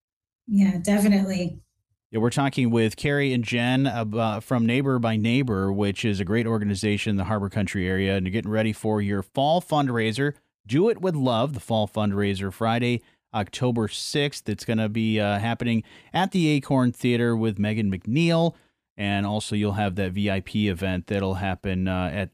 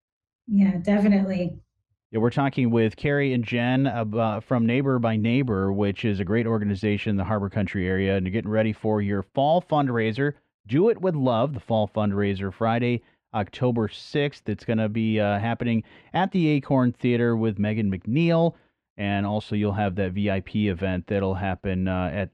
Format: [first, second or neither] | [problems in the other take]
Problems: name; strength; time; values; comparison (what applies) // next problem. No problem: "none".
first | muffled; slightly; fading above 2.5 kHz